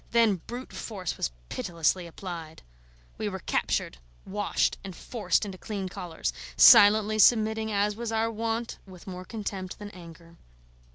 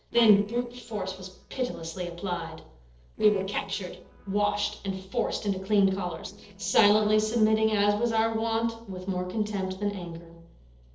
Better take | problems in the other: first | noise reduction (neural separator model SepFormer DNS4)

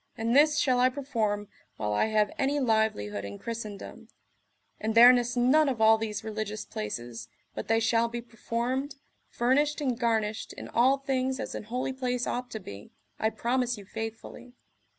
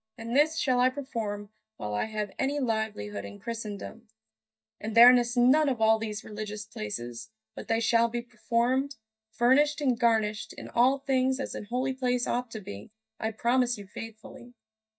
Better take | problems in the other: first | noise reduction (neural mask model DeepFilterNet 3)

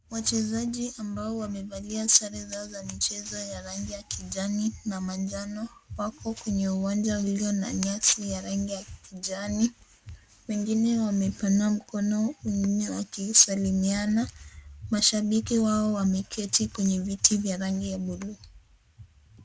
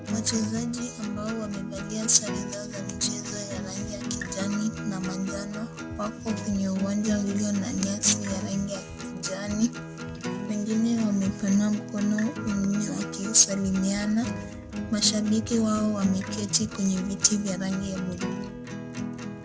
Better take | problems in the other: first | background sound (Acoustic guitar); 7 dB below the speech

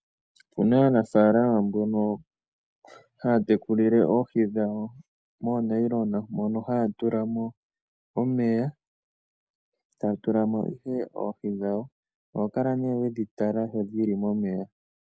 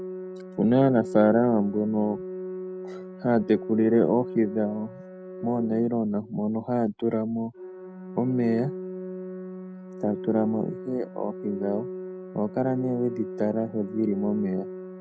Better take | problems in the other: first | background sound (Organ); 11 dB below the speech

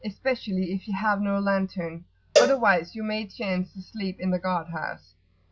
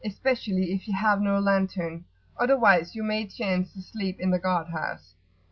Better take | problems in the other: second | background sound (Cowbell); 1 dB below the speech

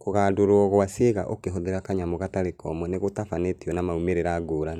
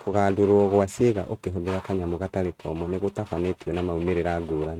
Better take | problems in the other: first | noise reduction (neural mask model RNNoise)

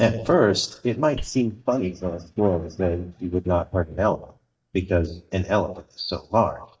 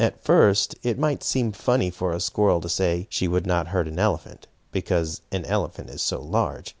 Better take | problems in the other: second | noise reduction (neural mask model DeepFilterNet 3)

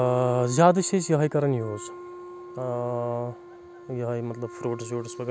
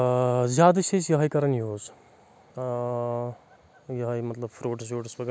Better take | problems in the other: second | background sound (Wind instrument, woodwind instrument); 16 dB below the speech

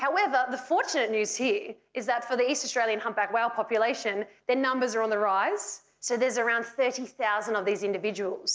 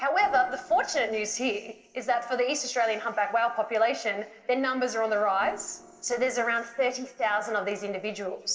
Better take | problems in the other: first | noise reduction (neural separator model SepFormer DNS4)

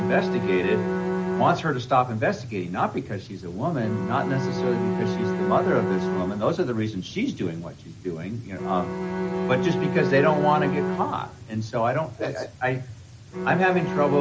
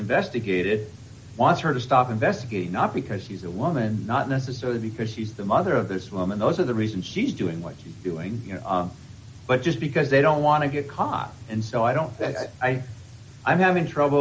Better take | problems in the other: second | background sound (Bowed string instrument); 3 dB below the speech

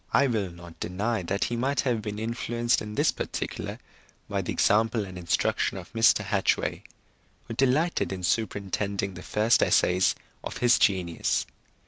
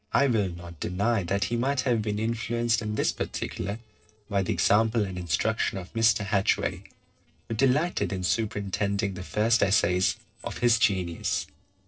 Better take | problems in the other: first | noise reduction (neural separator model SepFormer DNS4)

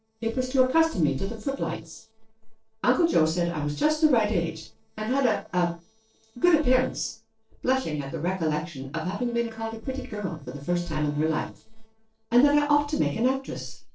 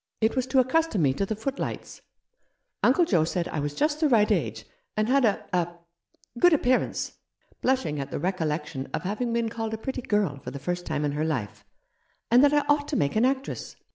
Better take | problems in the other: second | noise reduction (neural separator model SepFormer DNS4)

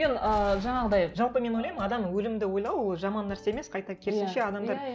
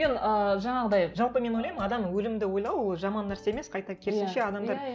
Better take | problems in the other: second | background sound (Boom); 15 dB below the speech

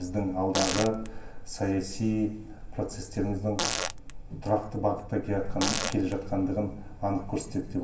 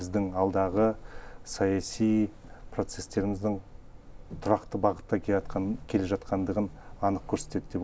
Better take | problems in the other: second | background sound (Fart); 3 dB below the speech // room echo; dies away in 0.9 s

